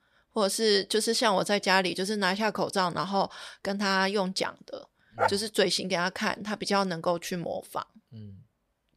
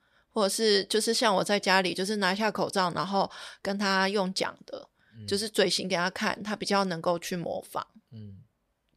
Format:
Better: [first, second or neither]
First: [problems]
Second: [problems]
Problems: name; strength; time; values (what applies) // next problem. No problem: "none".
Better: second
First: dog barking; noticeable; at 5 s; peak 2 dB below the speech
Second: none